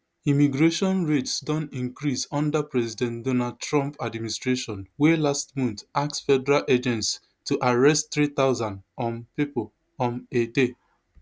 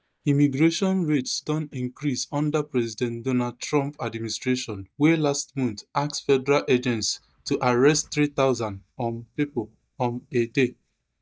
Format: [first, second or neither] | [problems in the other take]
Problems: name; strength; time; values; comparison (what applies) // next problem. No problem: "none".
first | noise reduction (neural mask model DeepFilterNet 3)